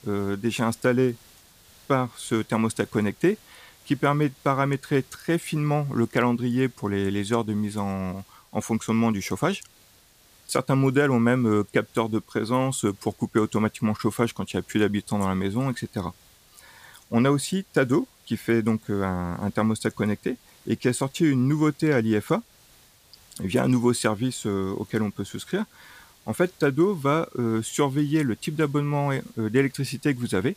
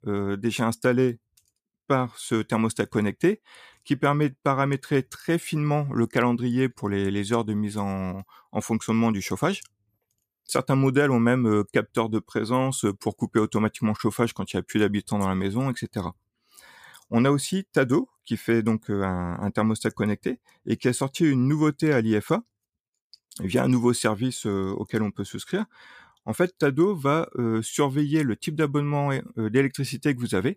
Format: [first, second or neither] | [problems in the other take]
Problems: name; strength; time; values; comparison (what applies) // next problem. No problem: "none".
second | hiss; faint; throughout; 30 dB below the speech